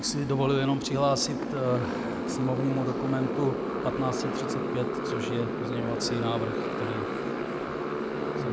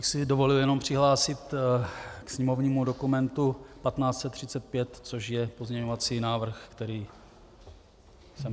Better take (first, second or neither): second